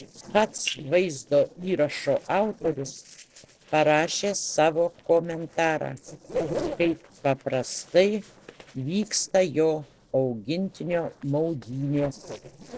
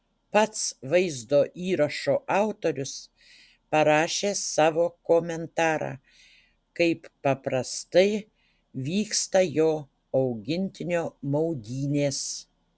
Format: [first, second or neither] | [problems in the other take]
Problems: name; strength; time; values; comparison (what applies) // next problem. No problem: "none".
second | noise reduction (neural separator model SepFormer DNS4)